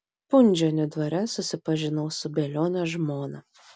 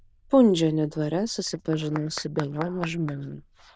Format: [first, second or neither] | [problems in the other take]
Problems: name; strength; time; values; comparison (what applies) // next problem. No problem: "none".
first | noise reduction (neural diffusion model UNIVERSE++)